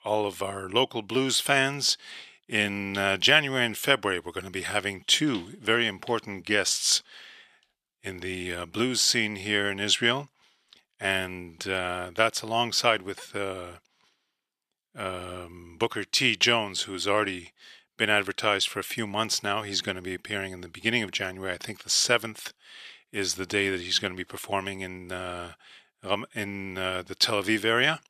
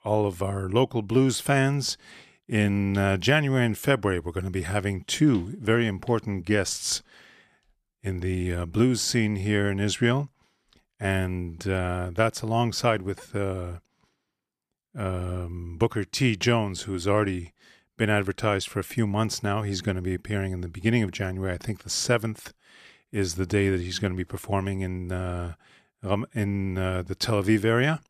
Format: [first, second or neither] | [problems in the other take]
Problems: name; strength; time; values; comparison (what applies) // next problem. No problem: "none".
second | thin; somewhat; fading below 700 Hz